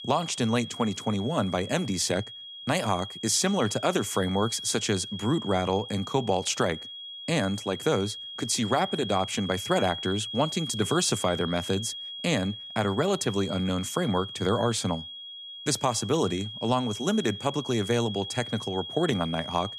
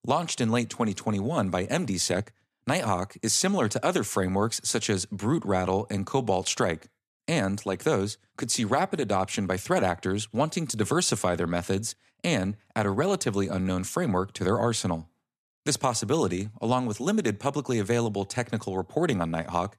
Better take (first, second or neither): second